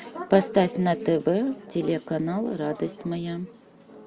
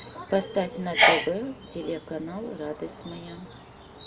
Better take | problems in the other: first | background sound (Sneeze); 2 dB above the speech // room echo; dies away in 0.6 s

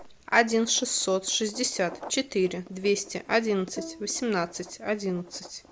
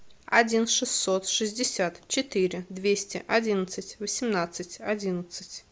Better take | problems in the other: second | background sound (Writing + Bowed string instrument); 19 dB below the speech

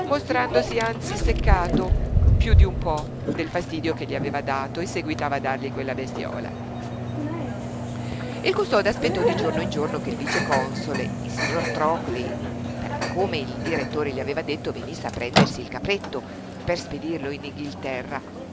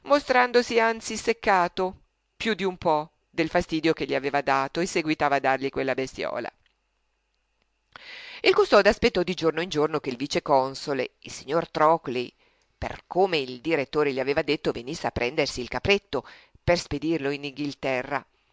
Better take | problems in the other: second | background sound (Microwave oven); 3 dB above the speech

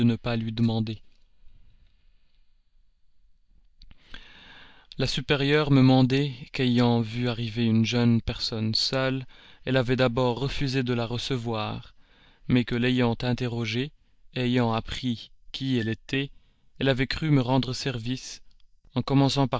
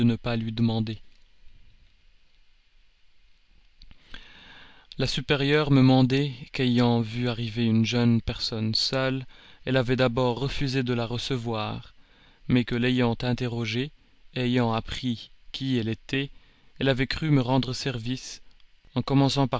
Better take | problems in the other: second | noise reduction (neural mask model DeepFilterNet 3)

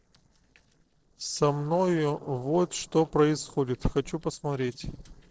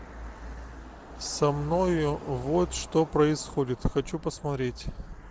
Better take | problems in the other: second | noise reduction (neural separator model SepFormer DNS4)

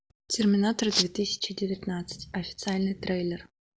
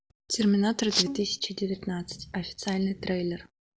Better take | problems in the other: first | background sound (Bowed string instrument); 17 dB below the speech

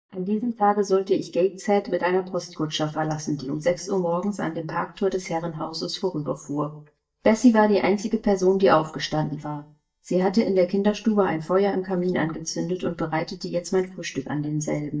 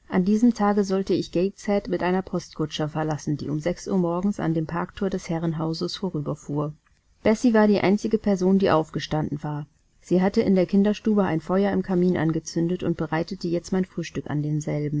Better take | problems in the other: second | noise reduction (neural mask model DeepFilterNet 3)

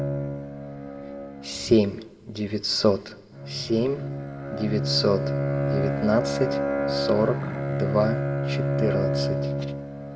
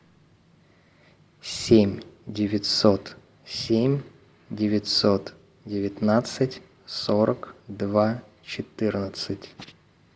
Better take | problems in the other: second | background sound (Bowed string instrument); 1 dB below the speech // room echo; dies away in 0.4 s

